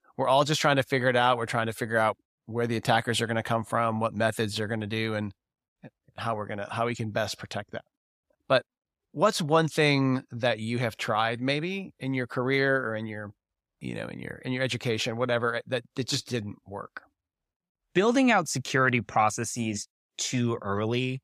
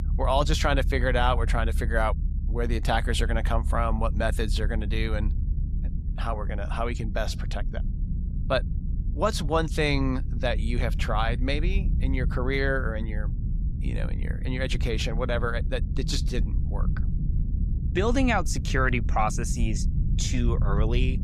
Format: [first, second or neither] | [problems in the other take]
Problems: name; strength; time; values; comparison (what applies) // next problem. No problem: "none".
first | low rumble; noticeable; throughout; 15 dB below the speech